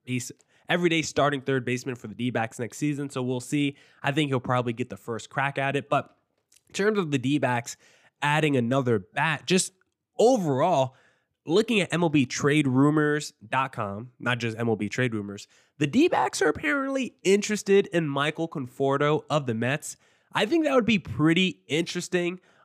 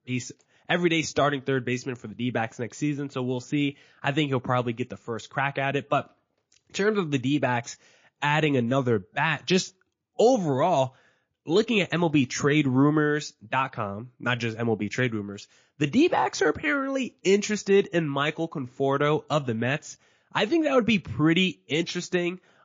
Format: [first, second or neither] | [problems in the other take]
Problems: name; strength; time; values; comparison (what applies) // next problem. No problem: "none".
first | garbled, watery; slightly